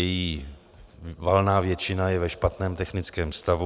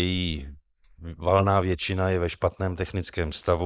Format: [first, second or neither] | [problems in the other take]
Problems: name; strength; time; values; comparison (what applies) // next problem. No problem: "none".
first | noise reduction (neural mask model Resemble Enhance denoiser)